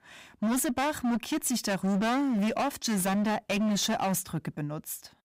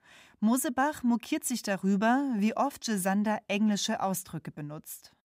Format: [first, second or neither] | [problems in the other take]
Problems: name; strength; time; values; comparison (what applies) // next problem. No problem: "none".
second | distortion; heavy; 26% of the sound clipped